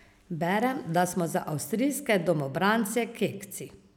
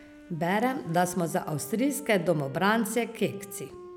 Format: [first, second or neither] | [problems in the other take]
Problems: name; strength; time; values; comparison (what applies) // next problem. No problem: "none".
first | background sound (Wind instrument, woodwind instrument); 18 dB below the speech